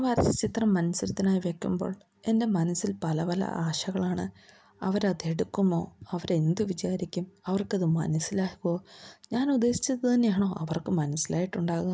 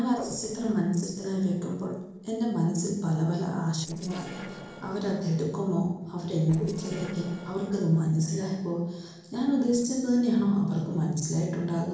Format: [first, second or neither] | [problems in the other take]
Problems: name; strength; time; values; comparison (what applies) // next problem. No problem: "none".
first | noise reduction (neural separator model SepFormer DNS4)